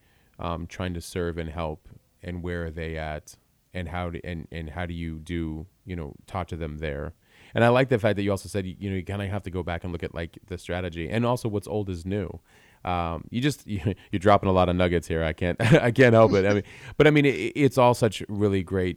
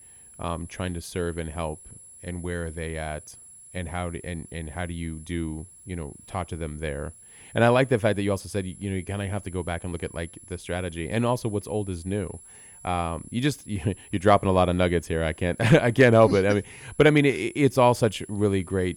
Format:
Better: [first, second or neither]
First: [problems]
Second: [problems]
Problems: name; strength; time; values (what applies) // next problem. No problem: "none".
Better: first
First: none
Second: high-pitched whine; faint; throughout; 10.5 kHz, 20 dB below the speech